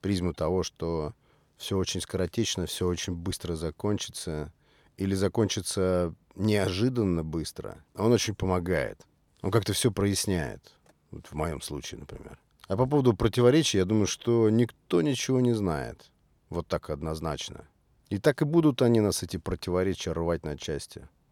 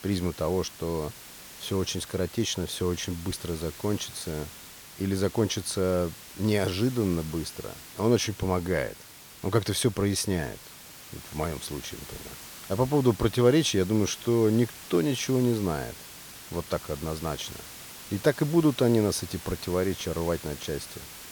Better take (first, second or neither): first